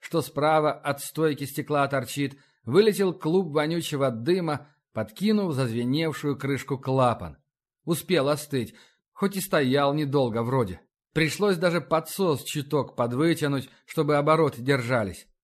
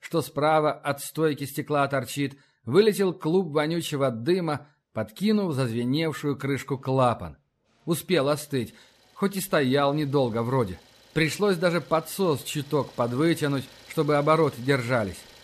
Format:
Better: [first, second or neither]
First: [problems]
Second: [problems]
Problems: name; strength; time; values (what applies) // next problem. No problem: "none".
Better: first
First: none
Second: traffic noise; faint; throughout; 25 dB below the speech